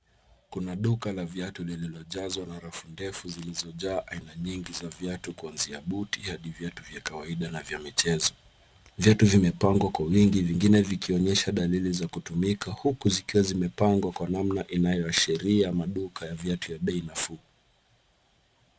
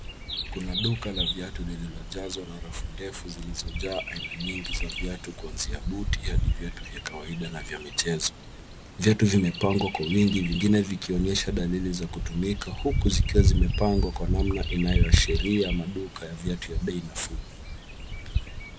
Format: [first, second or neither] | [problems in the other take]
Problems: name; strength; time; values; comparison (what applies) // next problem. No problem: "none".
first | background sound (Bird vocalization, bird call, bird song); as loud as the speech